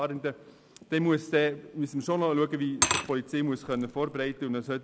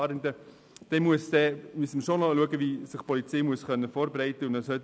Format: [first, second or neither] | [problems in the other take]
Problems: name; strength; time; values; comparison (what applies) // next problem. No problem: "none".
second | background sound (Glass / Liquid); 6 dB below the speech